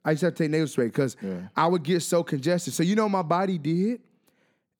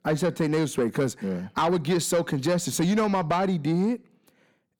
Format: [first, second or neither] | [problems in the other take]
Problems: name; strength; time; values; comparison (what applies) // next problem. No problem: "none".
first | distortion; slight; 10 dB below the speech